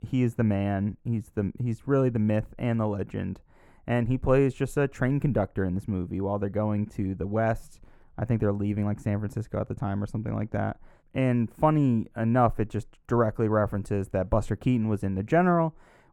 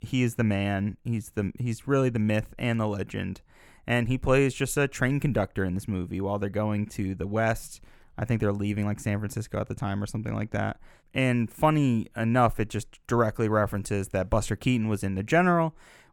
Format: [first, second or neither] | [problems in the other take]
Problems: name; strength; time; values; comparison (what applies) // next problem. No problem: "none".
second | muffled; slightly; fading above 1.5 kHz